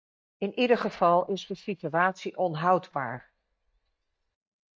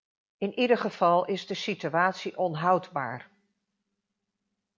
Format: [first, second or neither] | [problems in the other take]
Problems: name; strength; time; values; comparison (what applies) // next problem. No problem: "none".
second | noise reduction (neural mask model DeepFilterNet 3)